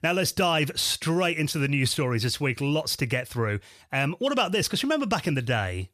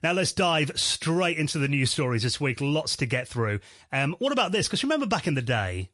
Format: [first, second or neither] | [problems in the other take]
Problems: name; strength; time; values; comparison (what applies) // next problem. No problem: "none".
first | garbled, watery; slightly